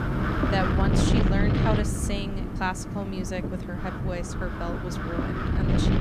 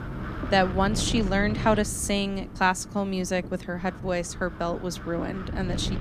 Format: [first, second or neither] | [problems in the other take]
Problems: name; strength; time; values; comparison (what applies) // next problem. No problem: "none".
second | wind noise on the microphone; heavy; as loud as the speech; occasional gusts in the second